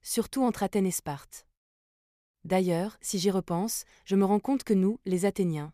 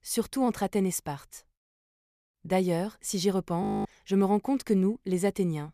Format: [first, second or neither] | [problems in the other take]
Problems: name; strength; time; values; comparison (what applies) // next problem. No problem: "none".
first | audio freezing; at 3.5 s